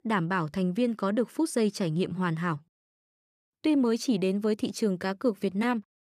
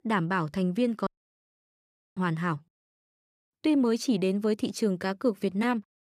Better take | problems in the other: first | audio cutting out; at 1 s for 1 s

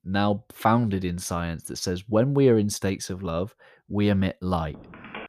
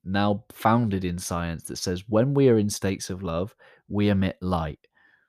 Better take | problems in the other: second | phone ringing; faint; at 4.5 s; peak 15 dB below the speech

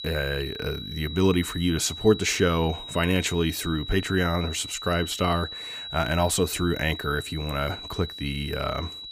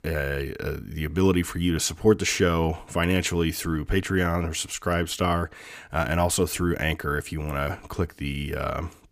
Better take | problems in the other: second | high-pitched whine; loud; throughout; 4 kHz, 10 dB below the speech

